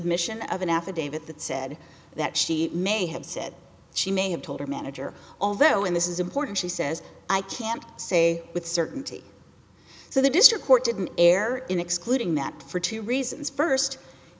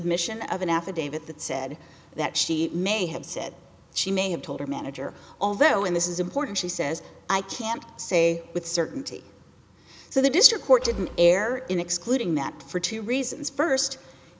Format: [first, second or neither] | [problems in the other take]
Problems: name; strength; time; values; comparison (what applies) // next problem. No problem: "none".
first | background sound (Engine / Car); 15 dB below the speech